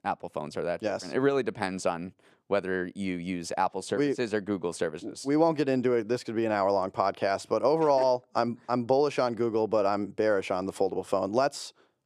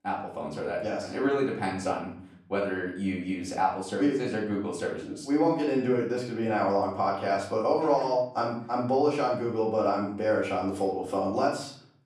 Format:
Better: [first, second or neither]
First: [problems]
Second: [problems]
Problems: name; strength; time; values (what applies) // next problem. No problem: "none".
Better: first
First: none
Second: off-mic speech; far // room echo; noticeable; dies away in 0.6 s